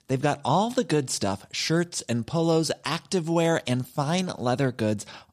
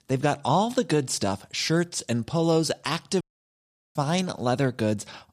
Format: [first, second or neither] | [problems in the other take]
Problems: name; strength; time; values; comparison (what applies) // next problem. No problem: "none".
first | audio cutting out; at 3 s for 0.5 s